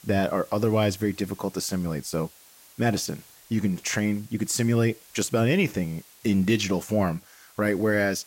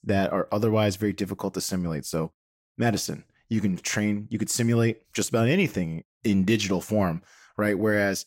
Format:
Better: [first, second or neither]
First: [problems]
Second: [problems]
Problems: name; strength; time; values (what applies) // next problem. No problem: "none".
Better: second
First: hiss; faint; throughout; 25 dB below the speech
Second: none